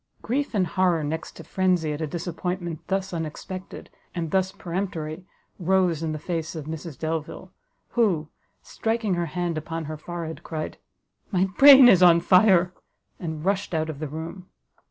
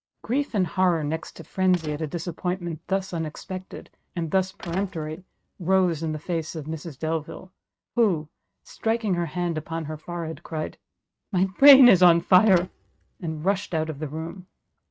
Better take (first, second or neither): first